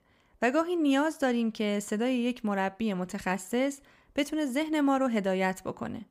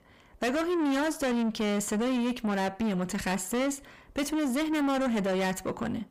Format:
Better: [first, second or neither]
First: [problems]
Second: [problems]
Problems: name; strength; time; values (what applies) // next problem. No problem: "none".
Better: first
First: none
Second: distortion; heavy; 7 dB below the speech